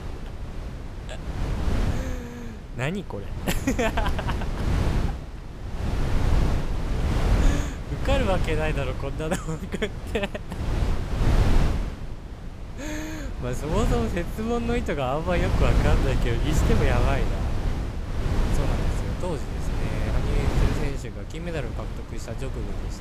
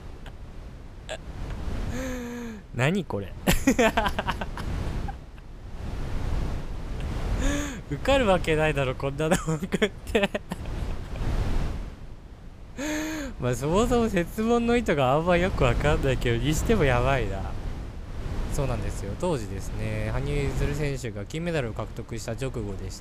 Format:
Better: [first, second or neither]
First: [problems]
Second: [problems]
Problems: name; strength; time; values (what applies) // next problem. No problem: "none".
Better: second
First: wind noise on the microphone; heavy; 4 dB below the speech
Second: wind noise on the microphone; occasional gusts; 15 dB below the speech